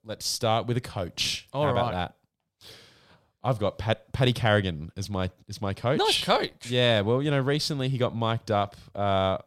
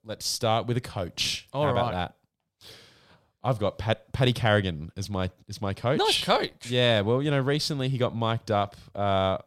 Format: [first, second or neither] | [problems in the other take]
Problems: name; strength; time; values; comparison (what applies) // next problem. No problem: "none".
neither | none